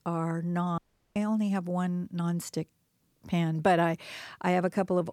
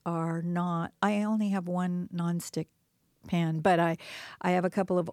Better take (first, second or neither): second